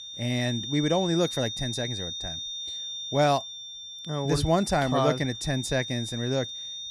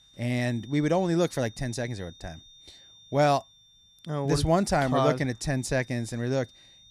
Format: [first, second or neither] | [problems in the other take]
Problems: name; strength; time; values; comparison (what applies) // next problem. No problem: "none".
second | high-pitched whine; loud; throughout; 3.5 kHz, 7 dB below the speech; faint in the second